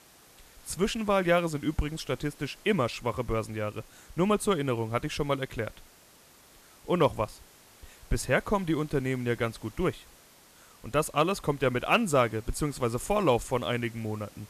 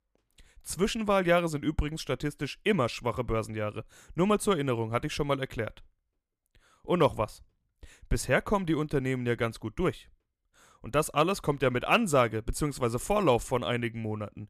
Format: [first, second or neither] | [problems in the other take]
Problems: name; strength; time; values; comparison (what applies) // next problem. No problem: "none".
second | hiss; faint; throughout; 25 dB below the speech